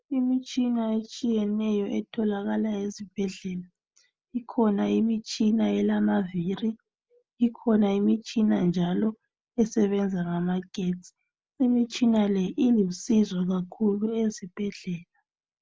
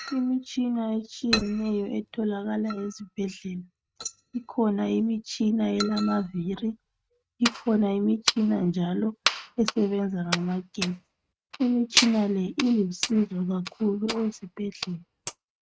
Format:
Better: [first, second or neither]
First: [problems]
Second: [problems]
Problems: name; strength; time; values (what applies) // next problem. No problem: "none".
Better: first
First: none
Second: noise reduction (neural mask model RNNoise)